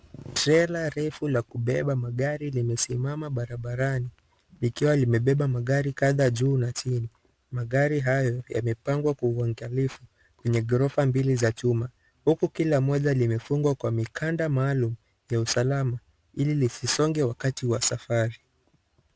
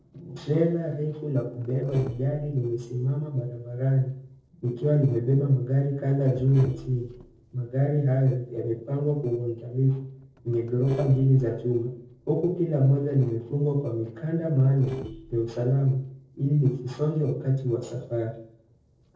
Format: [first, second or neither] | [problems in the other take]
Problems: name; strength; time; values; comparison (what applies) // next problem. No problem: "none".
first | noise reduction (neural separator model SepFormer DNS4)